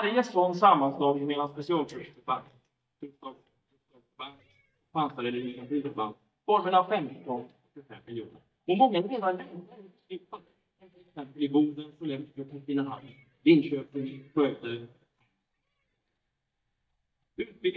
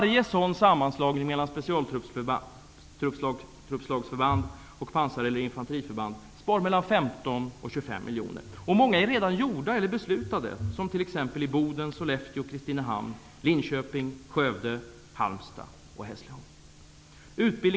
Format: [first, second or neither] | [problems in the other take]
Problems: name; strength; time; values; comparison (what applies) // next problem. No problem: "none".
second | noise reduction (neural mask model DeepFilterNet 3)